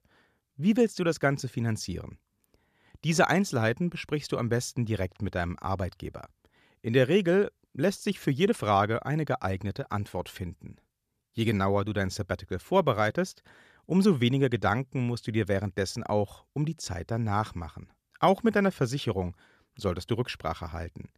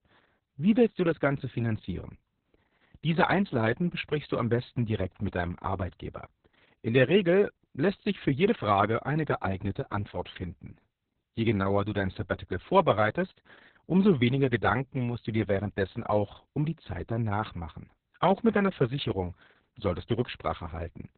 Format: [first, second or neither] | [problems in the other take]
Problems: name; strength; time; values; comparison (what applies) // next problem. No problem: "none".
first | garbled, watery; badly; nothing above 4 kHz